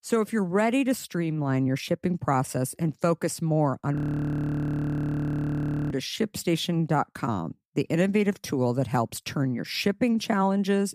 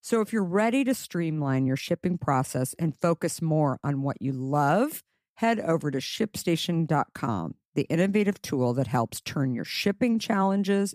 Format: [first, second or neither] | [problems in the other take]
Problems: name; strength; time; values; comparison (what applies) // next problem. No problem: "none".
second | audio freezing; at 4 s for 2 s